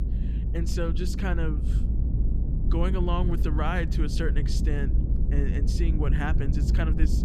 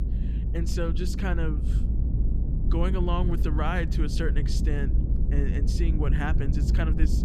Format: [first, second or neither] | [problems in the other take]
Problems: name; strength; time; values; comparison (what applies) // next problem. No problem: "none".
neither | low rumble; loud; throughout; 7 dB below the speech; the same in both